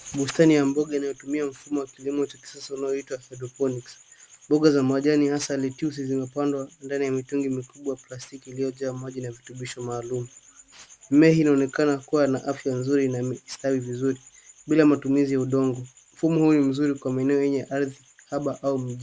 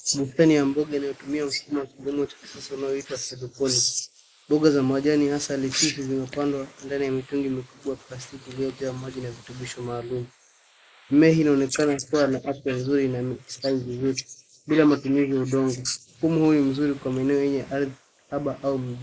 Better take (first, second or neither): first